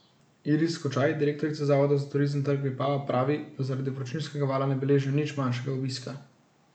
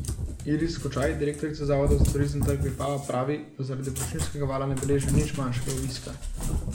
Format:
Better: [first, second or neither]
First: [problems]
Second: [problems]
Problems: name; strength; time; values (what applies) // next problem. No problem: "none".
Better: first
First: none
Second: background sound (Cat); 1 dB below the speech